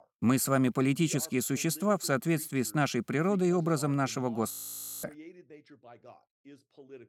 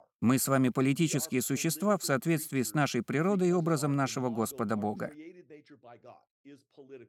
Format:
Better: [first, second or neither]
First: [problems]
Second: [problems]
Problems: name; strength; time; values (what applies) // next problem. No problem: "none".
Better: second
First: audio freezing; at 4.5 s for 0.5 s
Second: none